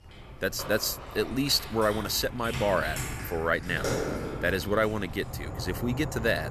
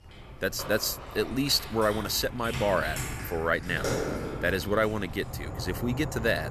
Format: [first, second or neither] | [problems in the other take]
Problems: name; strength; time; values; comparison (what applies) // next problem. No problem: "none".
neither | animal sounds; loud; throughout; 8 dB below the speech; the same in both